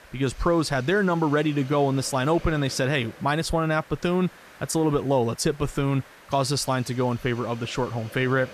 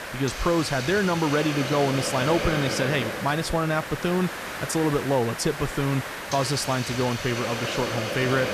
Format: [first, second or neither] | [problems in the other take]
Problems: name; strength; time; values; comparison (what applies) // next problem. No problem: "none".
first | hiss; loud; throughout; 5 dB below the speech; faint in the first